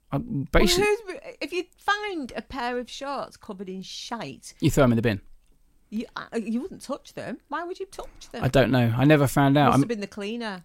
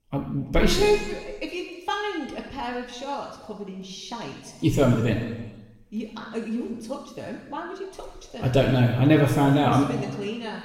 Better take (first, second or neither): first